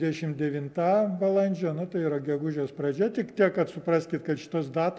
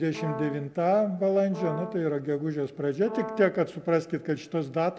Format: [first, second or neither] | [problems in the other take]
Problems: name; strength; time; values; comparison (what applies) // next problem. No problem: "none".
first | background sound (Brass instrument); 12 dB below the speech